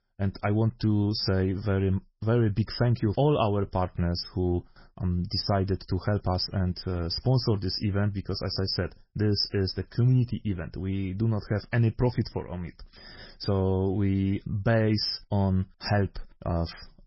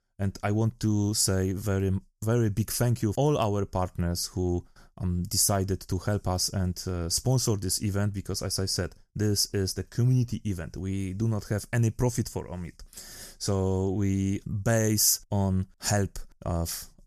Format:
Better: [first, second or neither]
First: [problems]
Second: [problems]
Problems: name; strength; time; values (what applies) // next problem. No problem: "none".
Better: second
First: garbled, watery; badly; nothing above 5.5 kHz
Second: none